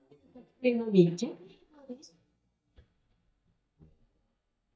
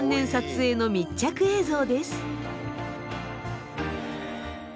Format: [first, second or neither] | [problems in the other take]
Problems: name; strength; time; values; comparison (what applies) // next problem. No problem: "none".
second | noise reduction (neural mask model DeepFilterNet 3)